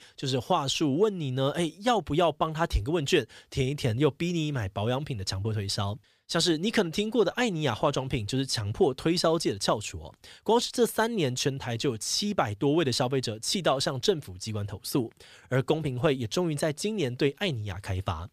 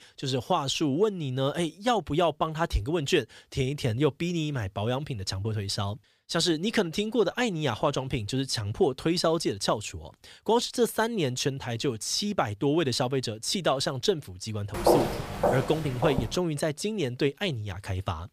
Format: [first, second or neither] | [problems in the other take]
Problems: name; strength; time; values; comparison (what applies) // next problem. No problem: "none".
first | footsteps; loud; from 15 to 16 s; peak 4 dB above the speech